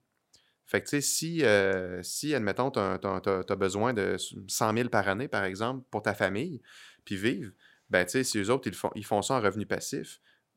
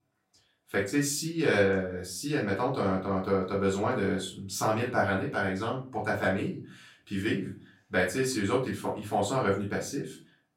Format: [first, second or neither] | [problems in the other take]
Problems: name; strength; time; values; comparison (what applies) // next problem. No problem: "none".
first | off-mic speech; far // room echo; slight; dies away in 0.3 s